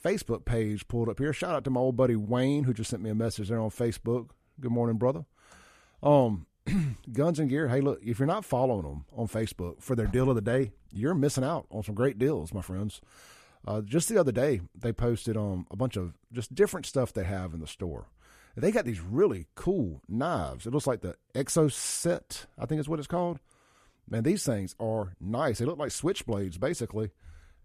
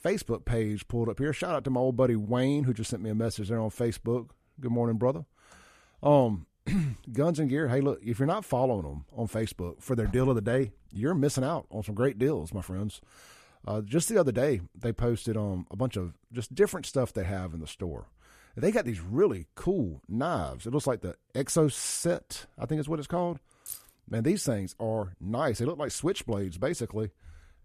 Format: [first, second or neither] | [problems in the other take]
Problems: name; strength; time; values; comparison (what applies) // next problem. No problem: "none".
first | jangling keys; faint; at 24 s; peak 10 dB below the speech